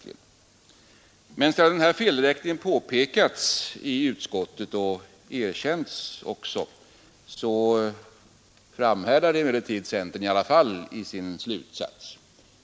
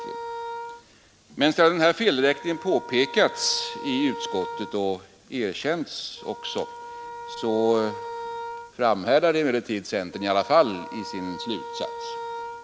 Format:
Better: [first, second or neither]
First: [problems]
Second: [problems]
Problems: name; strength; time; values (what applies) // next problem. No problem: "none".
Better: first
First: none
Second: background sound (Wind instrument, woodwind instrument); 12 dB below the speech